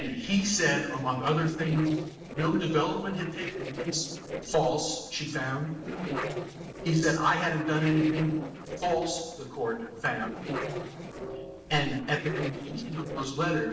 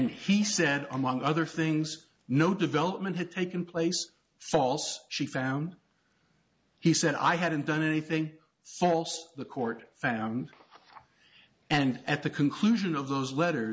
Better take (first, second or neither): second